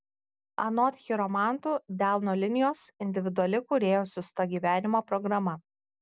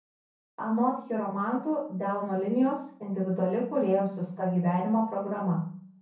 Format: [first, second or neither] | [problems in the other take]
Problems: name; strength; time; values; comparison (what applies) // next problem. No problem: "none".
first | room echo; dies away in 0.5 s